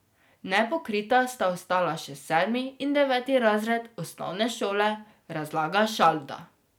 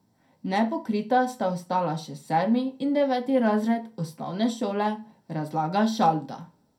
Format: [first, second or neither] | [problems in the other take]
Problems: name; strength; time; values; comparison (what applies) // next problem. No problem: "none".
first | room echo; dies away in 0.2 s